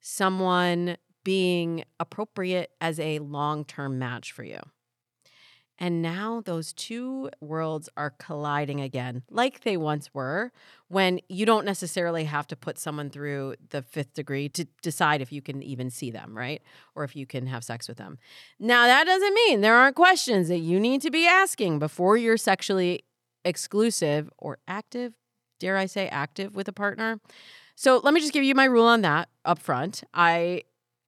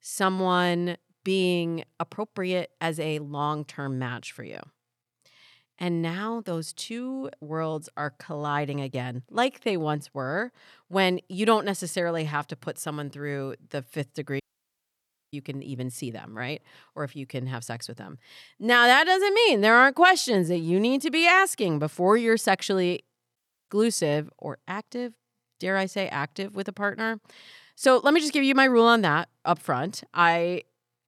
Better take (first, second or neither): first